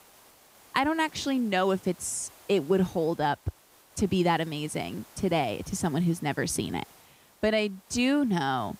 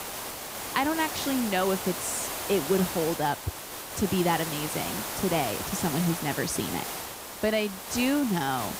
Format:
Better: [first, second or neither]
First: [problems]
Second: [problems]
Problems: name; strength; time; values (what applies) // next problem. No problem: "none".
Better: first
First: hiss; faint; throughout; 25 dB below the speech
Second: hiss; loud; throughout; 5 dB below the speech